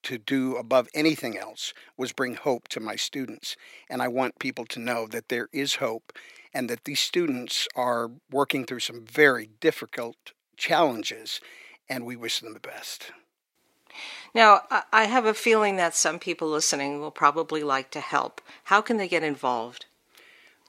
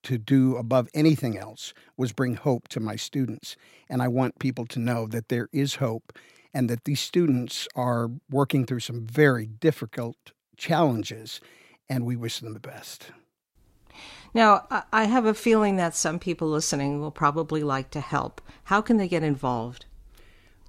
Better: second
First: thin; somewhat; fading below 400 Hz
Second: none

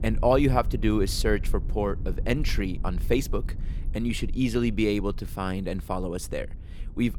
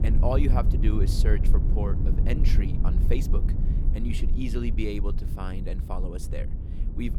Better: first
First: low rumble; faint; throughout; 20 dB below the speech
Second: low rumble; loud; throughout; 6 dB below the speech

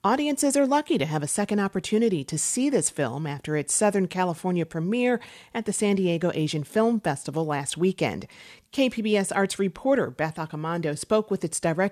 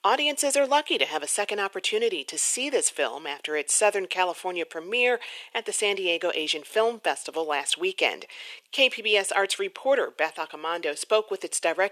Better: first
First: none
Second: thin; very; fading below 400 Hz

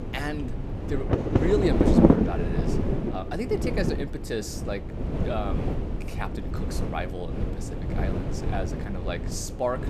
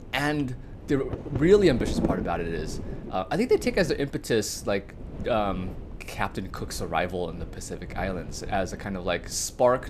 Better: second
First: wind noise on the microphone; heavy; 1 dB above the speech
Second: wind noise on the microphone; occasional gusts; 15 dB below the speech

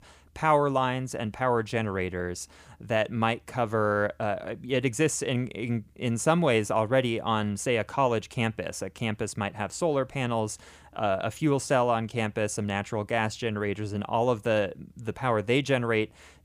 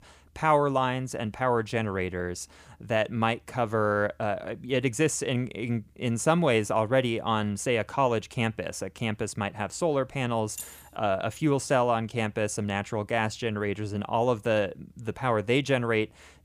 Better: first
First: none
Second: jangling keys; faint; at 11 s; peak 10 dB below the speech

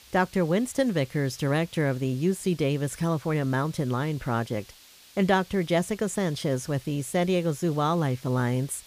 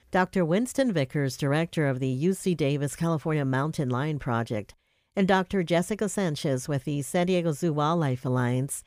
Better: second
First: hiss; faint; throughout; 25 dB below the speech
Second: none

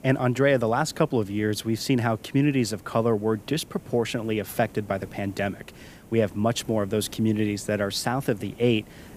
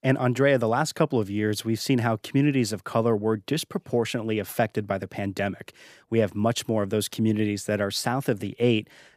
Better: second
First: hiss; faint; throughout; 20 dB below the speech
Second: none

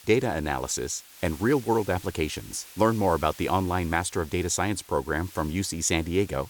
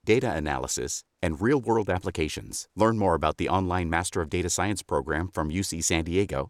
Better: second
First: hiss; noticeable; throughout; 20 dB below the speech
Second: none

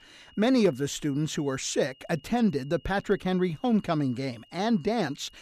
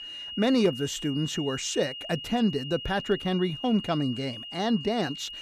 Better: first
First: high-pitched whine; faint; throughout; 3 kHz, 30 dB below the speech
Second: high-pitched whine; loud; throughout; 3 kHz, 9 dB below the speech

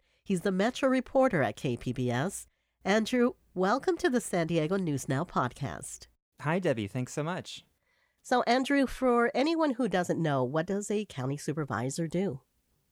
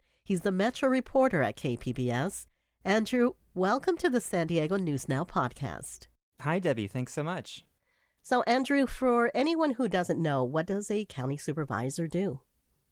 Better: first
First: none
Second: garbled, watery; slightly

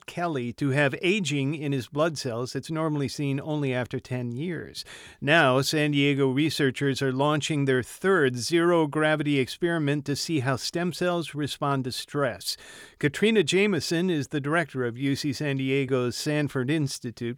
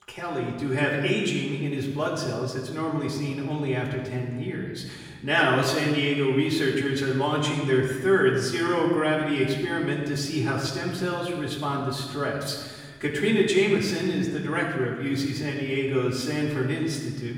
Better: first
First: none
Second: off-mic speech; far // room echo; noticeable; dies away in 1.3 s

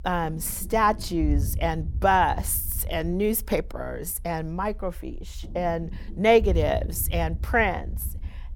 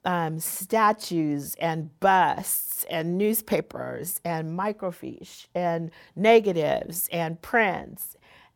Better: second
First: low rumble; faint; throughout; 25 dB below the speech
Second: none

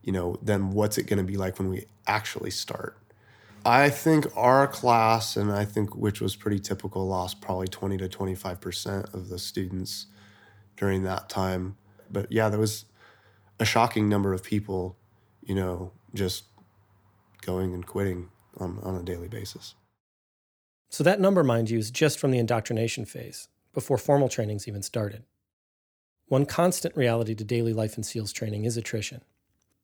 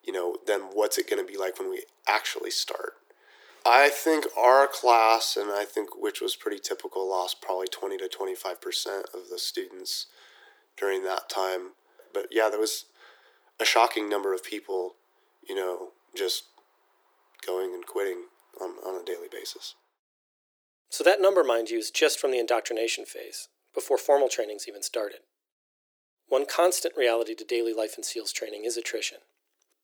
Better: first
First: none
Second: thin; very; fading below 350 Hz

